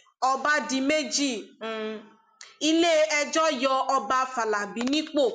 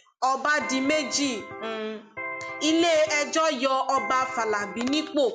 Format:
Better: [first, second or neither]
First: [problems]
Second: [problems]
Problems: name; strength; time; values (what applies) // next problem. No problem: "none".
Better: first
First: none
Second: background sound (Electric guitar); 11 dB below the speech